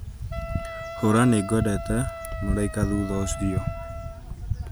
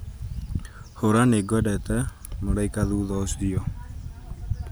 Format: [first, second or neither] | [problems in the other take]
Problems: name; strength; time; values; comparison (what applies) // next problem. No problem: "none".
second | background sound (Wind instrument, woodwind instrument); 12 dB below the speech